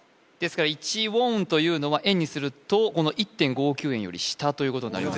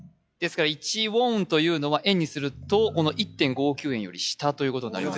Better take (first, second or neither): first